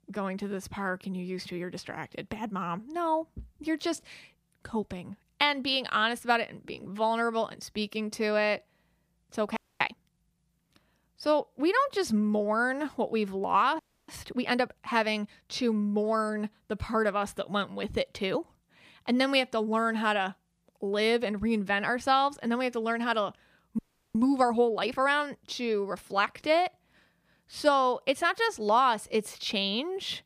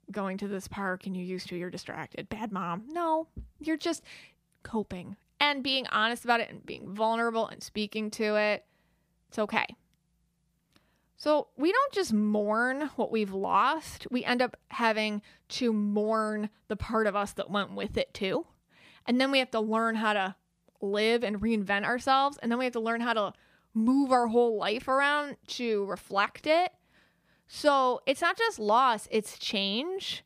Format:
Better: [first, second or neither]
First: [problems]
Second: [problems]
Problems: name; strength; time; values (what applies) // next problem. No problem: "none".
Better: second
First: audio freezing; at 9.5 s, at 14 s and at 24 s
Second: none